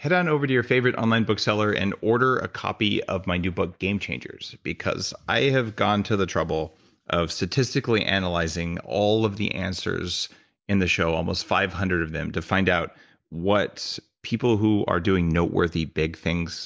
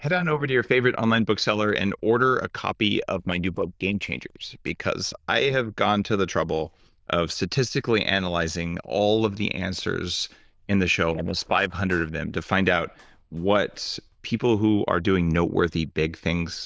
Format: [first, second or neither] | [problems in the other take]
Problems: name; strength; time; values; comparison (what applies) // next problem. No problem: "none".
first | noise reduction (neural diffusion model UNIVERSE++)